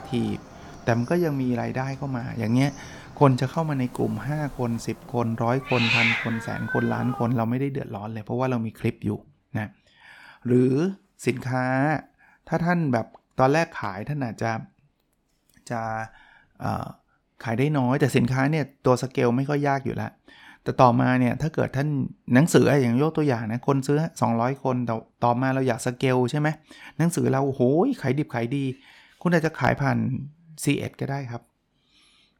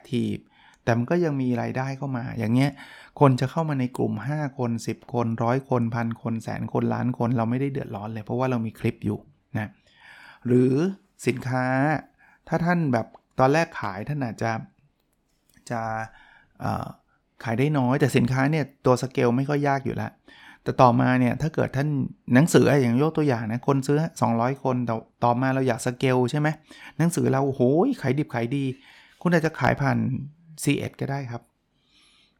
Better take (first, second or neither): second